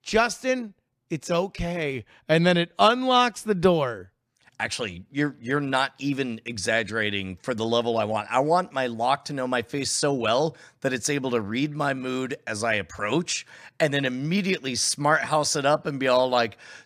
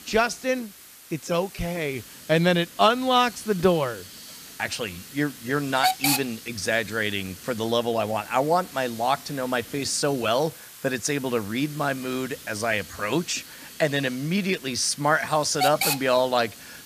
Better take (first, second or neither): first